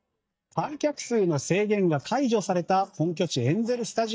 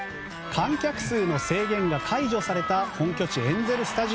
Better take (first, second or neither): second